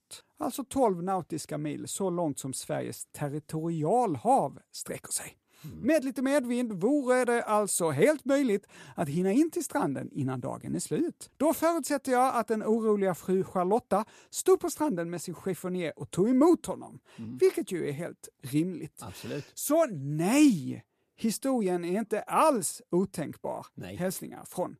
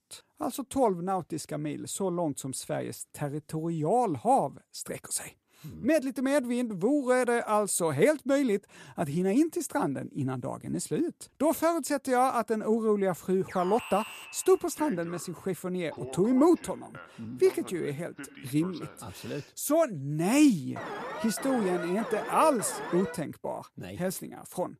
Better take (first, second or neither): first